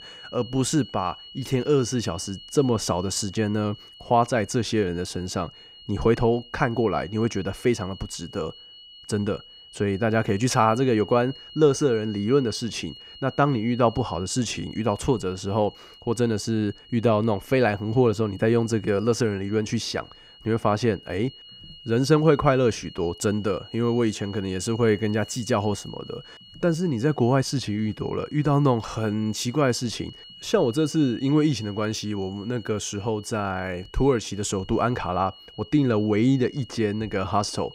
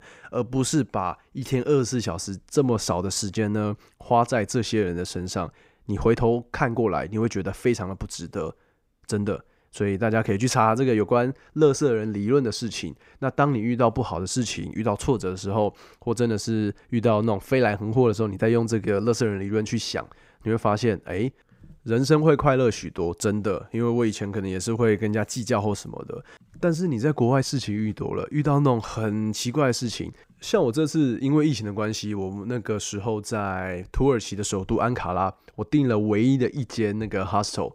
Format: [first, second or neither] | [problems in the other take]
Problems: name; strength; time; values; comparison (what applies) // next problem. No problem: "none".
second | high-pitched whine; noticeable; throughout; 3 kHz, 20 dB below the speech